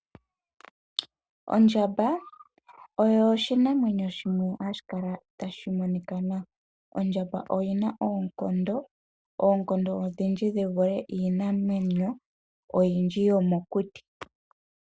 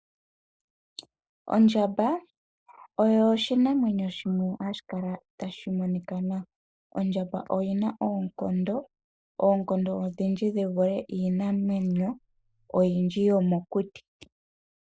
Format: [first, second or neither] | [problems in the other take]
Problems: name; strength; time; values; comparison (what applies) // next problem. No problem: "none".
first | noise reduction (neural mask model Resemble Enhance denoiser)